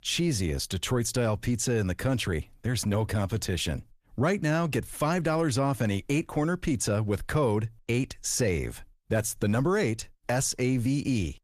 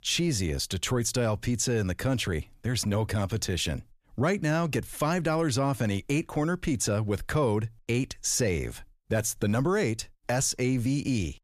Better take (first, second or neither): second